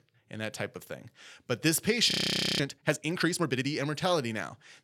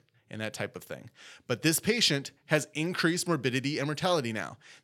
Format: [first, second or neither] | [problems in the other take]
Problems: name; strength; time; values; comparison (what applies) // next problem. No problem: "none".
second | audio freezing; at 2 s